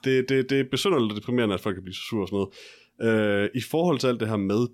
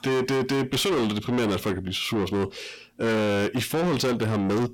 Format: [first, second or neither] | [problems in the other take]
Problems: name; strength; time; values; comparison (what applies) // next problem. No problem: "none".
first | distortion; heavy; 6 dB below the speech